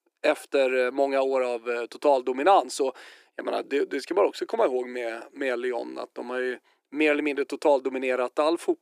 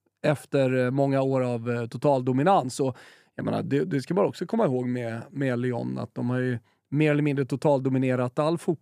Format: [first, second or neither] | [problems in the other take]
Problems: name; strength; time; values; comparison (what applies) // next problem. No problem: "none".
second | thin; somewhat; fading below 300 Hz